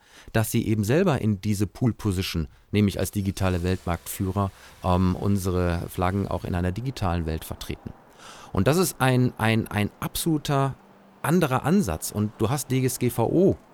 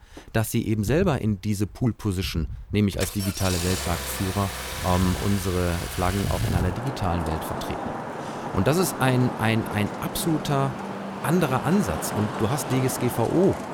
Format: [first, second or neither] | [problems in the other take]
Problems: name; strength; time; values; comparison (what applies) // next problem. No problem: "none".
first | traffic noise; loud; throughout; 6 dB below the speech; faint in the first